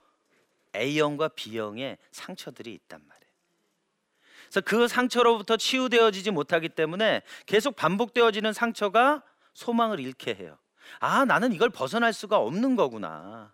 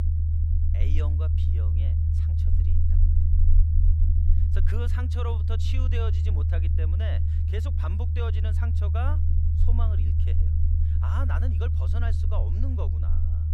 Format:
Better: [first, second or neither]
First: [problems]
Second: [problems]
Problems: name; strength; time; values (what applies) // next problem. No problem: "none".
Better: first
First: none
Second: low rumble; loud; throughout; 2 dB below the speech